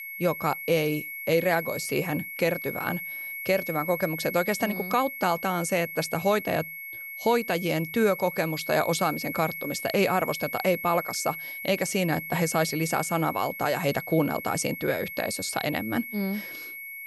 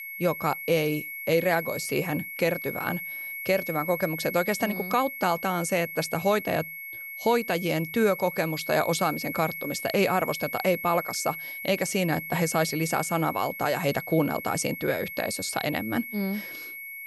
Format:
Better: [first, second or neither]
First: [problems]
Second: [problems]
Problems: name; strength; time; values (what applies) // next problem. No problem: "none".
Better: neither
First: high-pitched whine; loud; throughout; 2 kHz, 8 dB below the speech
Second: high-pitched whine; loud; throughout; 2 kHz, 8 dB below the speech